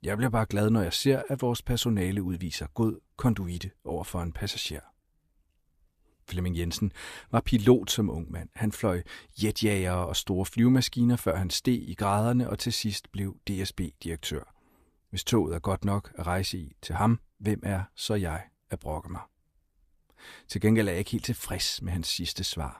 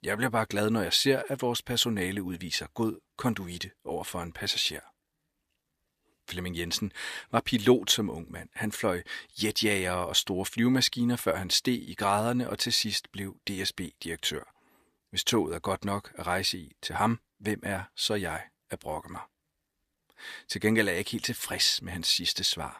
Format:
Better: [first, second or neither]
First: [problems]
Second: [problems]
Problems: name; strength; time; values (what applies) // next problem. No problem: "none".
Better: first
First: none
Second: thin; very slightly; fading below 600 Hz